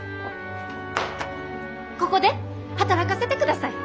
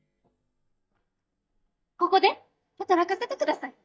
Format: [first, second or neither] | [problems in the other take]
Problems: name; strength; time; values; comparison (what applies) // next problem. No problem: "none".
first | noise reduction (neural mask model DeepFilterNet 3)